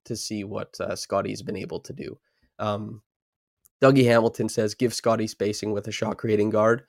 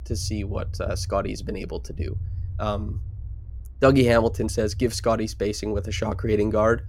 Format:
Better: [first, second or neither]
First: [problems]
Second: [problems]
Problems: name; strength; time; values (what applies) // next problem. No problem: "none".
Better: first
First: none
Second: low rumble; faint; throughout; 25 dB below the speech